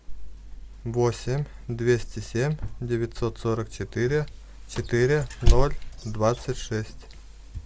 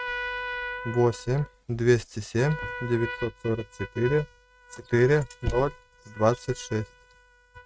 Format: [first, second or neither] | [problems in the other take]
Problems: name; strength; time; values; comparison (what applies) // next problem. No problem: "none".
first | noise reduction (neural mask model RNNoise)